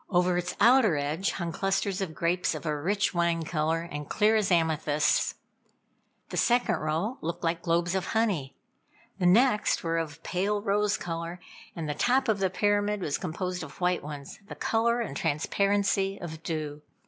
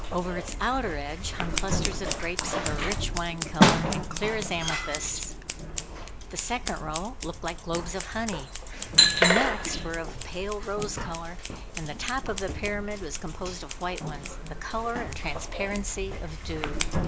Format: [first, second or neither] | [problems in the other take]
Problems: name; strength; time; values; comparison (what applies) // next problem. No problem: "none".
first | background sound (Scissors); 4 dB above the speech